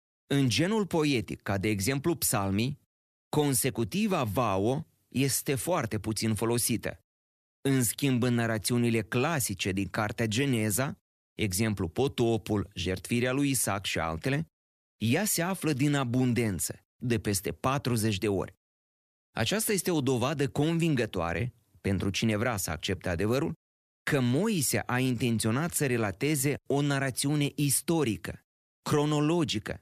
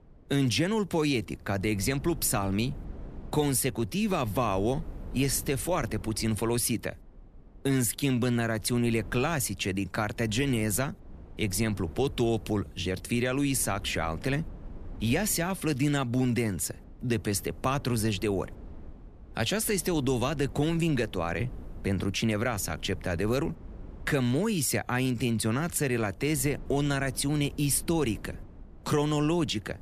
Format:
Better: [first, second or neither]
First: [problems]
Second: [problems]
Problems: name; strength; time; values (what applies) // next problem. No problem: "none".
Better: first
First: none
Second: wind noise on the microphone; occasional gusts; 25 dB below the speech